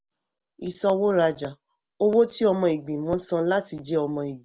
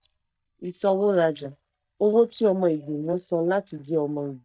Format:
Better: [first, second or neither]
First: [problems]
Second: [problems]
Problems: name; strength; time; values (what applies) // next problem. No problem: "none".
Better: first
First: none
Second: noise reduction (neural mask model DeepFilterNet 3)